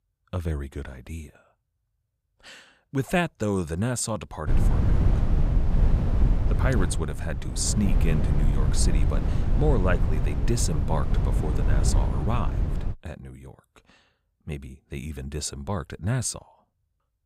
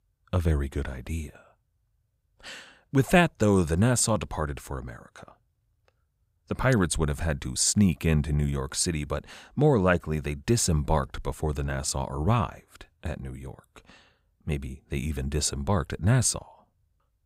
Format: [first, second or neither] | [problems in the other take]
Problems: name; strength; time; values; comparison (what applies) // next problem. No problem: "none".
second | wind noise on the microphone; heavy; from 4.5 to 13 s; 5 dB below the speech